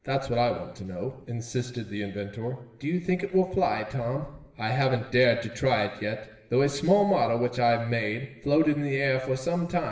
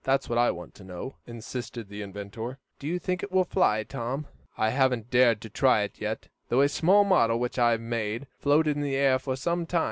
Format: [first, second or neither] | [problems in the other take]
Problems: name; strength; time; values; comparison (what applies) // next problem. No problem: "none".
second | room echo; dies away in 1 s